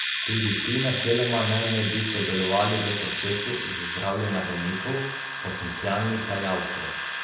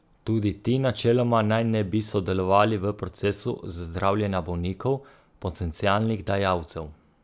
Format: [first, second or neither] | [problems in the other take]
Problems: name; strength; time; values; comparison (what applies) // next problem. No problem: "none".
second | background sound (Domestic sounds, home sounds); 2 dB below the speech // room echo; dies away in 0.9 s